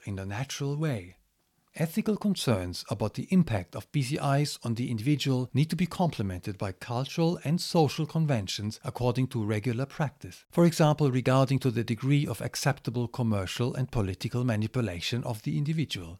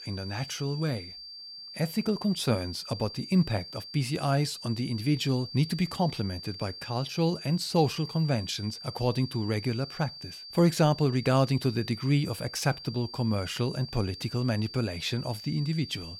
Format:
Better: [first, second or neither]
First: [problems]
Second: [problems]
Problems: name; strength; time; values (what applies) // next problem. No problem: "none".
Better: first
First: none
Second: high-pitched whine; noticeable; throughout; 4.5 kHz, 10 dB below the speech